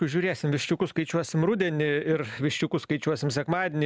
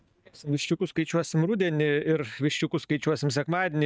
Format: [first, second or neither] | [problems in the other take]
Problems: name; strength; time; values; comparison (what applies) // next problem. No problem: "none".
first | noise reduction (neural mask model DeepFilterNet 3)